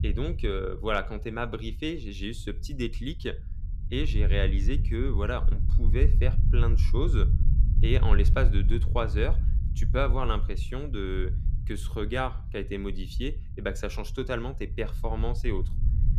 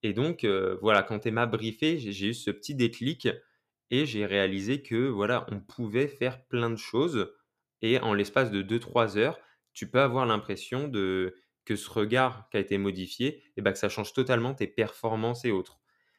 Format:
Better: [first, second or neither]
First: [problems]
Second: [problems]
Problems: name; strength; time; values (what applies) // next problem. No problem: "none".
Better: second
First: low rumble; noticeable; throughout; 15 dB below the speech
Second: none